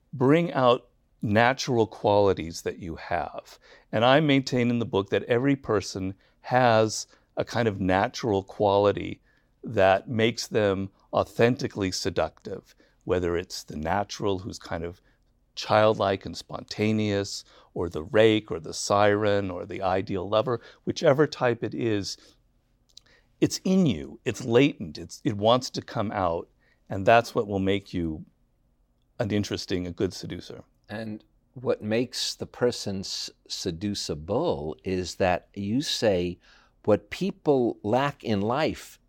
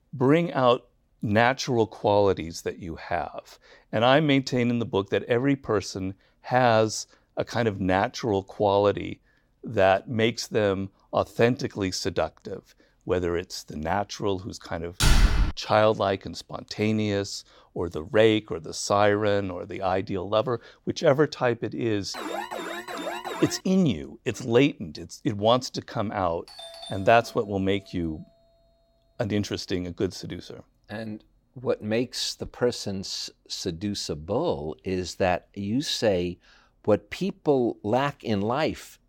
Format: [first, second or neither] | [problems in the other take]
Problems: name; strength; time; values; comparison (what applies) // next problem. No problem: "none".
first | door banging; loud; at 15 s; peak 4 dB above the speech // alarm; noticeable; from 22 to 24 s; peak 7 dB below the speech // doorbell; faint; from 26 to 33 s; peak 15 dB below the speech